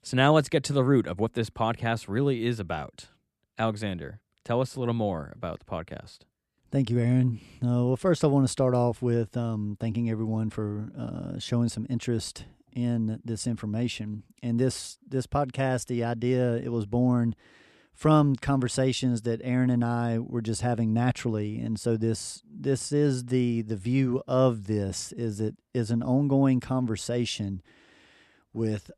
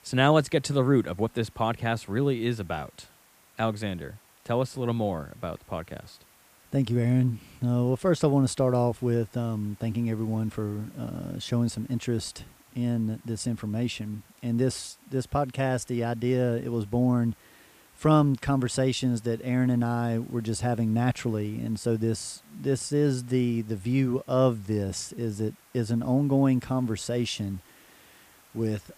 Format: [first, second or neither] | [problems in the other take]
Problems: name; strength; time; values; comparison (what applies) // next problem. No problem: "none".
first | hiss; faint; throughout; 30 dB below the speech